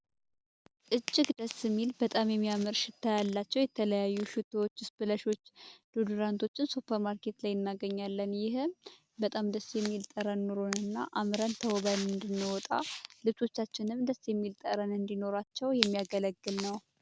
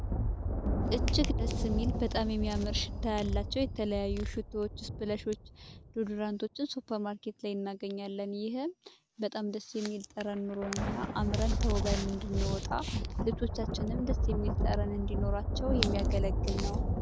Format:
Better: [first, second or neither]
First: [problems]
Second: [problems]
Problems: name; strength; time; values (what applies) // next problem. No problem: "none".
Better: first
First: none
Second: background sound (Thunder); 2 dB above the speech